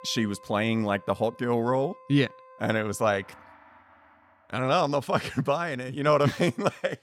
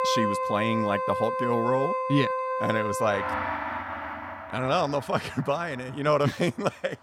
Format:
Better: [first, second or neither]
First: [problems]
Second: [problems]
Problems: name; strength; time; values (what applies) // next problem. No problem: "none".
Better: first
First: background music; faint; throughout; 25 dB below the speech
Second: background music; loud; throughout; 2 dB below the speech